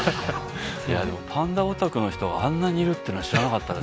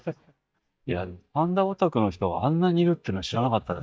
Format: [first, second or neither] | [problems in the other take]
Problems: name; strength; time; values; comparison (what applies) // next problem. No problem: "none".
first | noise reduction (neural mask model DeepFilterNet 3)